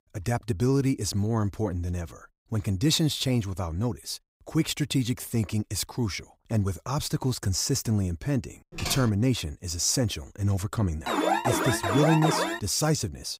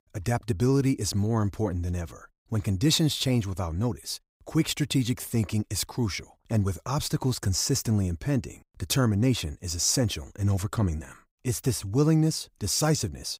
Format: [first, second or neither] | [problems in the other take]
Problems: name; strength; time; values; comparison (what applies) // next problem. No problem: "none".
second | keyboard typing; noticeable; at 8.5 s; peak 6 dB below the speech // alarm; loud; from 11 to 13 s; peak 2 dB above the speech